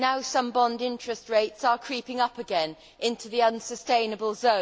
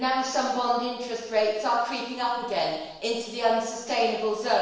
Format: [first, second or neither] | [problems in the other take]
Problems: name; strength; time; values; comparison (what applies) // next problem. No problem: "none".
first | room echo; dies away in 0.9 s